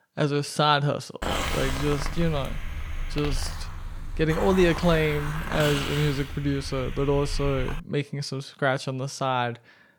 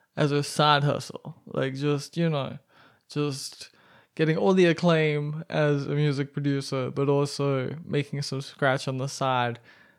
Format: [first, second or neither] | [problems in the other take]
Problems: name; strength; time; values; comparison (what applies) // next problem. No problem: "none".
second | hiss; loud; from 1 to 8 s; 7 dB below the speech